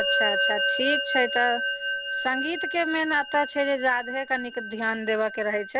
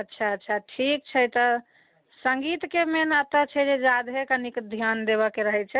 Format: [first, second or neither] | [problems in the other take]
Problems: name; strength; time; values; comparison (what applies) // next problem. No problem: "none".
second | background sound (Musical instrument); 2 dB below the speech